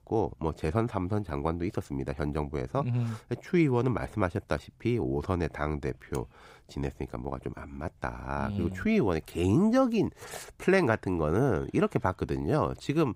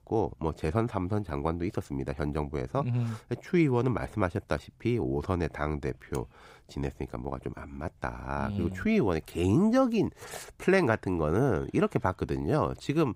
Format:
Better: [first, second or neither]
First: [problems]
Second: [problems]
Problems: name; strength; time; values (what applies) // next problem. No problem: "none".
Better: neither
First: none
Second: none